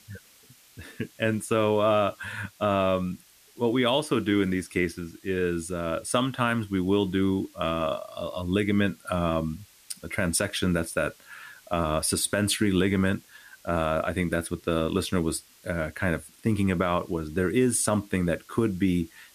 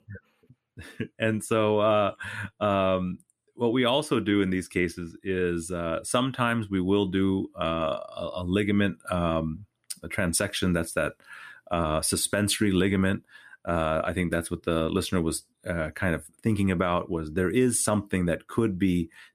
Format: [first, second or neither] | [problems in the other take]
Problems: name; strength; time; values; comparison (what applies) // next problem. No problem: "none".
second | hiss; faint; throughout; 25 dB below the speech